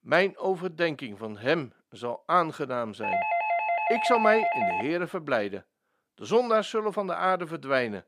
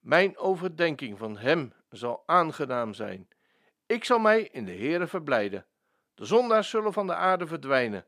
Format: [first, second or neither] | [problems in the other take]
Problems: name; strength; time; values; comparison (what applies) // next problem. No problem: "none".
second | doorbell; loud; from 3 to 5 s; peak 2 dB above the speech